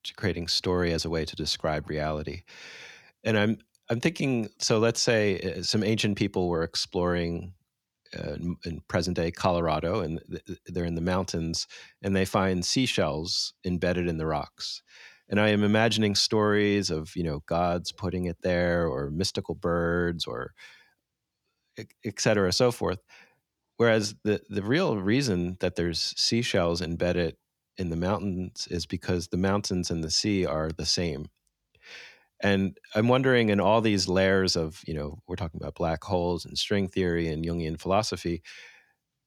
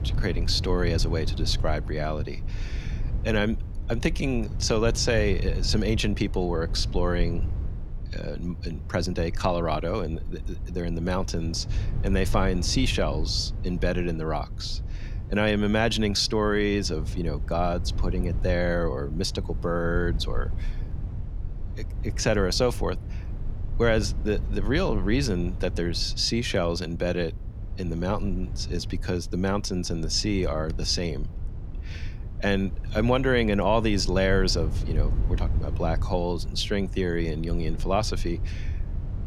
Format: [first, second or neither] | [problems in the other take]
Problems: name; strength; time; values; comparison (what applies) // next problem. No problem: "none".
first | low rumble; noticeable; throughout; 20 dB below the speech